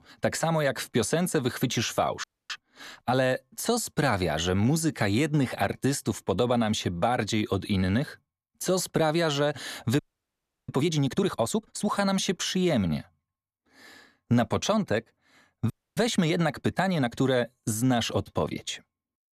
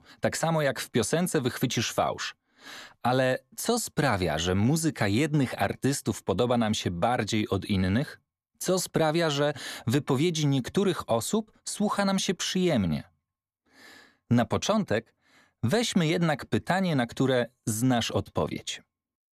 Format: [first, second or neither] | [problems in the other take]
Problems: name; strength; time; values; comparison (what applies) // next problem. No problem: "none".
second | audio freezing; at 2 s, at 10 s for 0.5 s and at 16 s